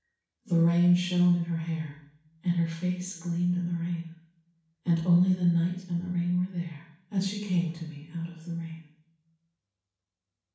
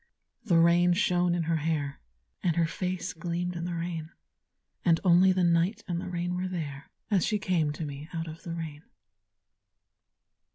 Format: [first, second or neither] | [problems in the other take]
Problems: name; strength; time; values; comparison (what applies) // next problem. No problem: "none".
second | room echo; dies away in 0.7 s